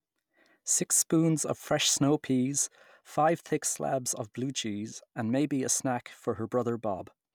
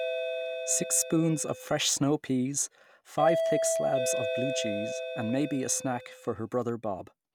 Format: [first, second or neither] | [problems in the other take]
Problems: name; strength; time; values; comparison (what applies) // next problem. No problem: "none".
first | background sound (Doorbell); 3 dB below the speech